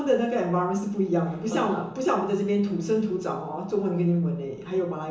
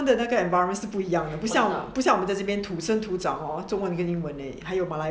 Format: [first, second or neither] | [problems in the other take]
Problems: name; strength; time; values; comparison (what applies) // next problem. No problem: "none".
second | room echo; dies away in 0.8 s